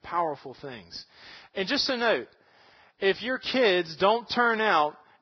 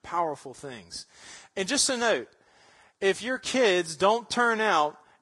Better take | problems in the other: second | garbled, watery; badly; nothing above 5.5 kHz; slightly in the second

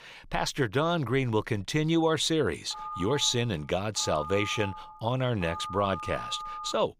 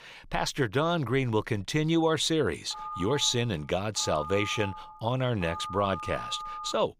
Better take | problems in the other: neither | phone ringing; noticeable; from 2.5 s on; peak 8 dB below the speech; the same in both

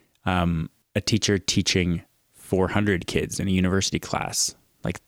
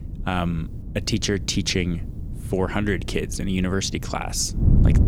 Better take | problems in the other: first | wind noise on the microphone; occasional gusts; 15 dB below the speech

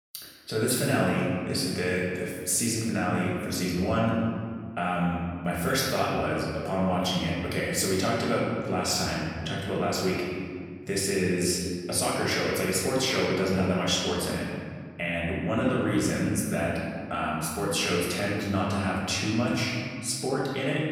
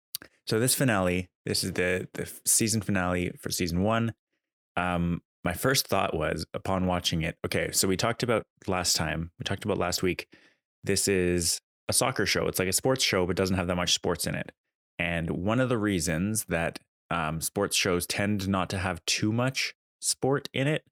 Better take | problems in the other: second | room echo; noticeable; dies away in 1.8 s // off-mic speech; far

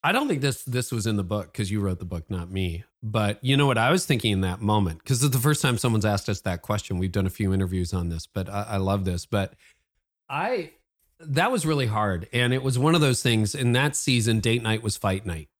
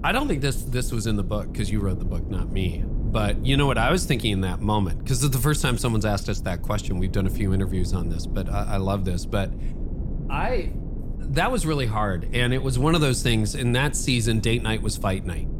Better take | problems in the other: first | low rumble; noticeable; throughout; 15 dB below the speech

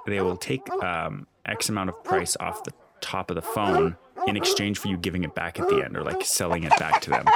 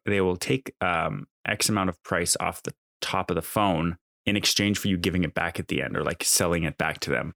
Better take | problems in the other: second | animal sounds; very loud; throughout; 1 dB above the speech

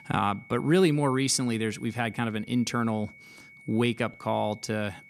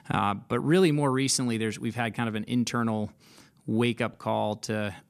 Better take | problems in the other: second | high-pitched whine; faint; throughout; 2 kHz, 20 dB below the speech

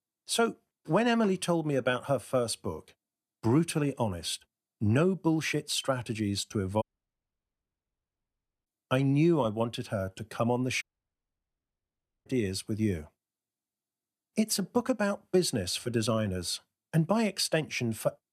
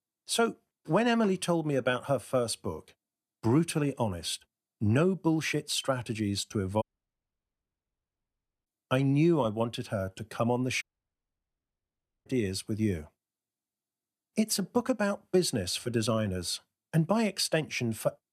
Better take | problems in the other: neither | audio cutting out; at 7 s for 2 s and at 11 s for 1.5 s; the same in both

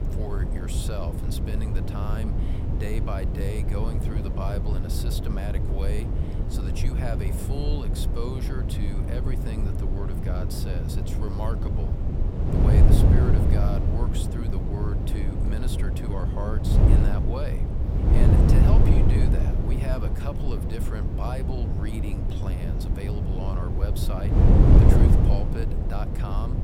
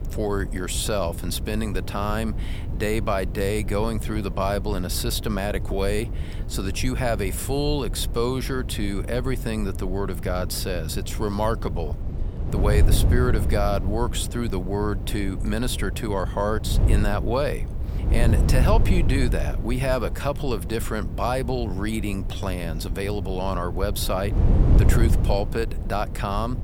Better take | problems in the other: second | wind noise on the microphone; heavy; 2 dB above the speech; occasional gusts in the second

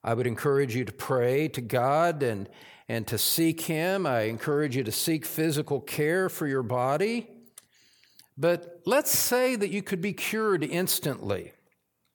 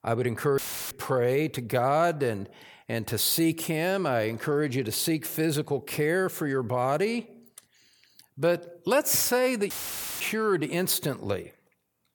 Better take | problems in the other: first | audio cutting out; filled with static; at 0.5 s and at 9.5 s for 0.5 s

